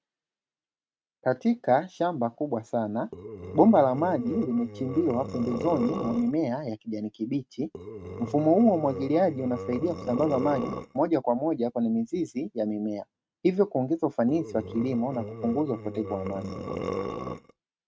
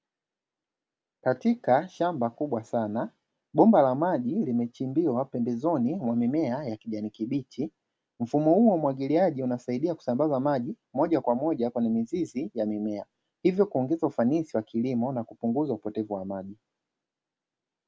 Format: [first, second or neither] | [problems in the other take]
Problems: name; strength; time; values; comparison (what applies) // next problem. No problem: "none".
second | noise reduction (neural mask model RNNoise)